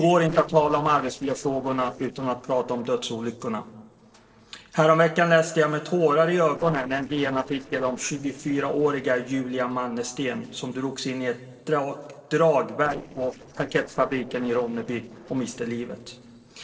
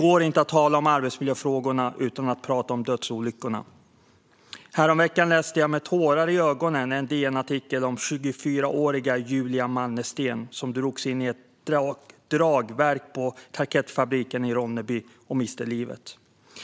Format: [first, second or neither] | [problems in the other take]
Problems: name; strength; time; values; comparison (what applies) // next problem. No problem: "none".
second | noise reduction (neural separator model SepFormer DNS4)